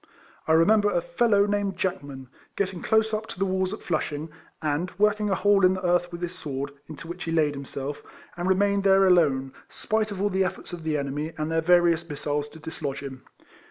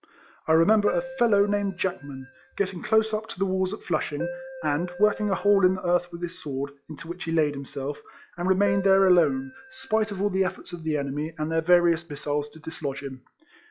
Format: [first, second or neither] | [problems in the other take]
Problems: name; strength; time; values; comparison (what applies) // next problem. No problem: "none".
first | noise reduction (classical method log-MMSE)